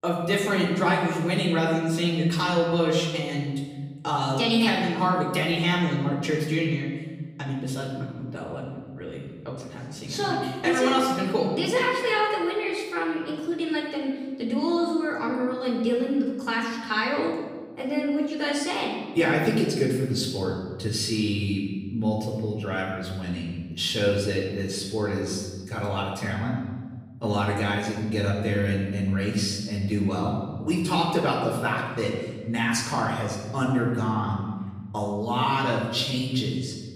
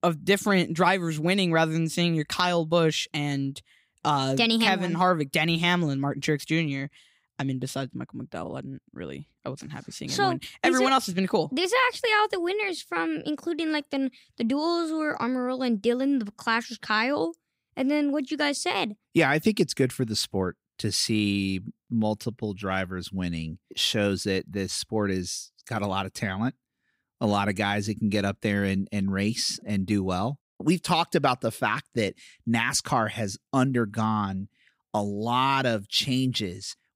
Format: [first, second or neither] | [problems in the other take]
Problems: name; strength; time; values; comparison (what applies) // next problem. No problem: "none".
second | off-mic speech; far // room echo; noticeable; dies away in 1.4 s